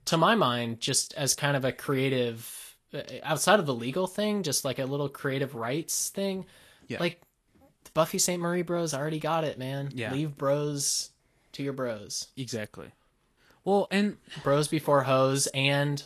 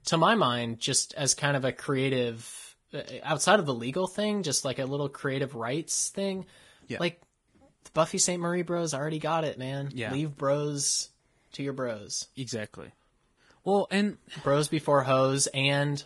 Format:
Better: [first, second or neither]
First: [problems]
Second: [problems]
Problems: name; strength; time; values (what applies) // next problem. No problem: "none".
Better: first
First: garbled, watery; slightly; nothing above 12.5 kHz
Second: garbled, watery; badly; nothing above 10.5 kHz